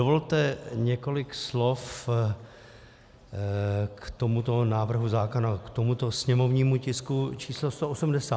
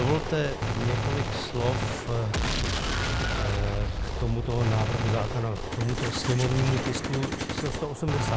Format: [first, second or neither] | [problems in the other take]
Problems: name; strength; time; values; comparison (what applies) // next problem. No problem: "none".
first | background sound (Gunshot, gunfire); as loud as the speech